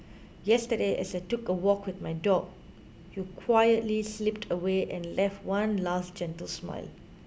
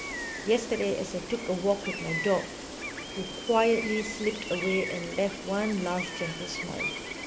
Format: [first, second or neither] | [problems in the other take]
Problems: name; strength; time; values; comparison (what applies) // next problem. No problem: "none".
first | background sound (Gull, seagull); 6 dB below the speech